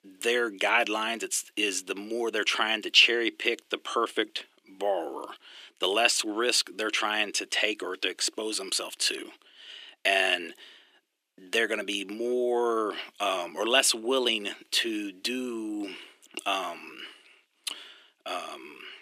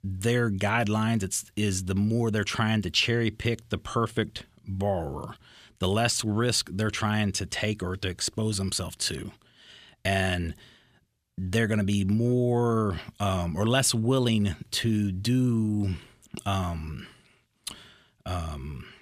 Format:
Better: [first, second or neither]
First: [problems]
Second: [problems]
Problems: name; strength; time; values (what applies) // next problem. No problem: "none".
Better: second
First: thin; very; fading below 300 Hz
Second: none